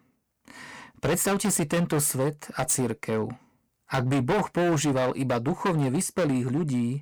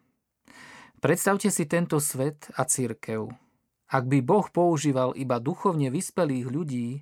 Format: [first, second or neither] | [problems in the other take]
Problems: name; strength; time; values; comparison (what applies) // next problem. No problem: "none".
second | distortion; heavy; 15% of the sound clipped